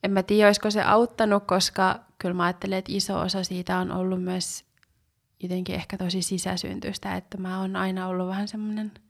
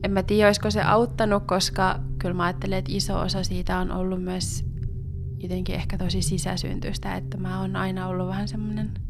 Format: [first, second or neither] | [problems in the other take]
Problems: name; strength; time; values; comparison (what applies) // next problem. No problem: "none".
first | low rumble; noticeable; throughout; 20 dB below the speech